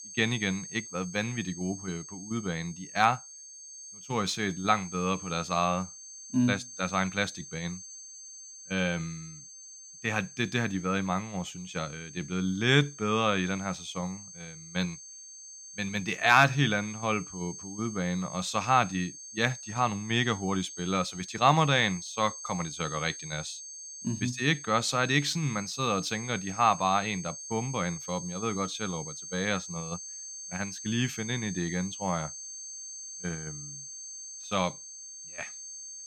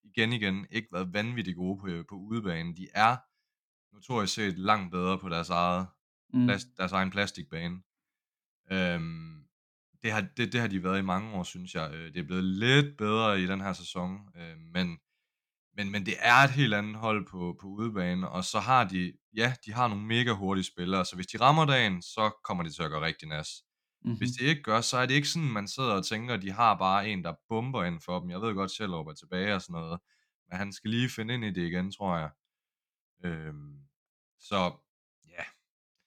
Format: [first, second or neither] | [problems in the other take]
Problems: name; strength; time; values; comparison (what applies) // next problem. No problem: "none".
second | high-pitched whine; noticeable; throughout; 6.5 kHz, 10 dB below the speech